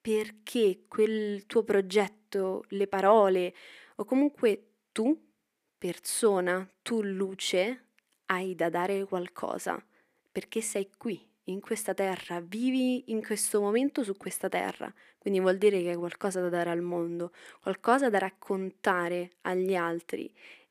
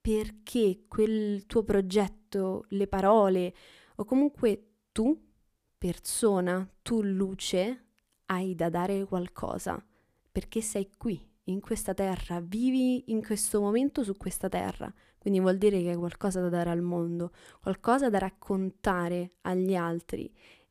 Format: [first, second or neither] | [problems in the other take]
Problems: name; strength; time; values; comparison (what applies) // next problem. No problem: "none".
second | thin; very slightly; fading below 300 Hz